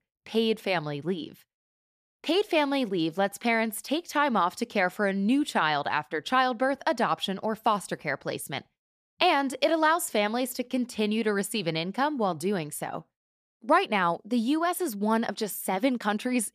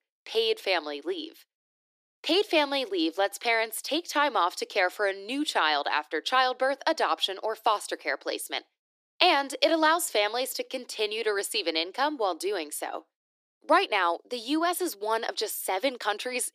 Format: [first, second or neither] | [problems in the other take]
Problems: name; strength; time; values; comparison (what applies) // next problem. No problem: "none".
first | thin; somewhat; fading below 300 Hz